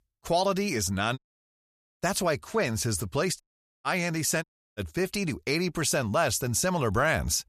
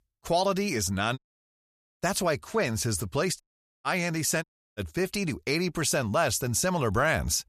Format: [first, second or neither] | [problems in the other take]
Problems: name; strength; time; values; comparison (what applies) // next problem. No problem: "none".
neither | audio cutting out; at 1 s for 1 s, at 3.5 s and at 4.5 s; the same in both